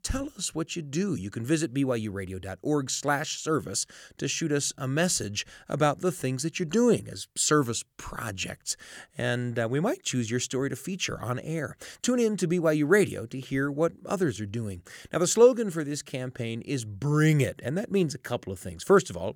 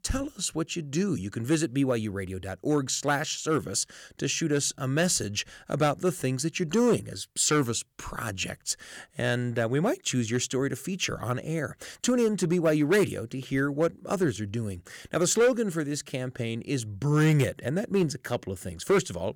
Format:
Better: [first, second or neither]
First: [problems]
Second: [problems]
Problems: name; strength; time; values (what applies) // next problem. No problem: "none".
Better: first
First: none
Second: distortion; slight; 3% of the sound clipped